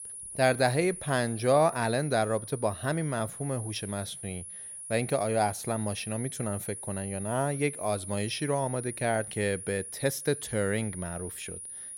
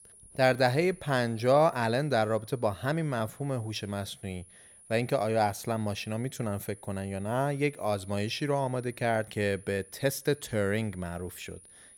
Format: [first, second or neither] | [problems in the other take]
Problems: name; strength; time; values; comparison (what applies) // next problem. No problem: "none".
second | high-pitched whine; loud; throughout; 10.5 kHz, 9 dB below the speech; faint in the second